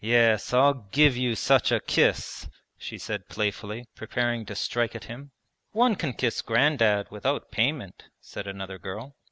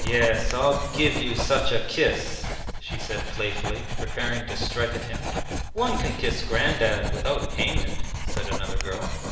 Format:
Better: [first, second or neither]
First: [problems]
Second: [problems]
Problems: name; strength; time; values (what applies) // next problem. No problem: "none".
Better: first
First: none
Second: background sound (Writing); as loud as the speech // room echo; dies away in 1.1 s